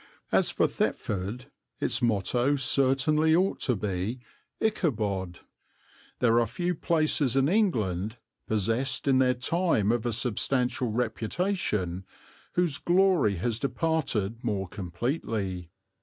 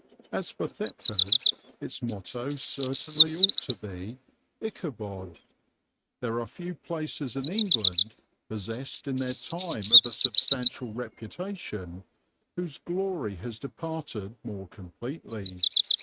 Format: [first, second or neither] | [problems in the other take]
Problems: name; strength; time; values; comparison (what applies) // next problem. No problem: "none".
first | noise reduction (neural mask model RNNoise)